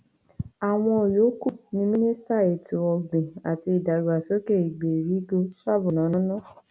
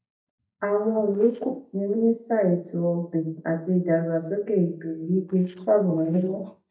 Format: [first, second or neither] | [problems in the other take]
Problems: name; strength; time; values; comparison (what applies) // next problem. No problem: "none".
first | noise reduction (neural mask model DeepFilterNet 3)